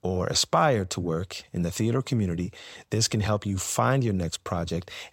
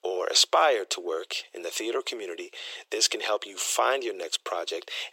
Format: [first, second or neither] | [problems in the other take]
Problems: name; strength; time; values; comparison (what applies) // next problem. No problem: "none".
first | thin; very; fading below 350 Hz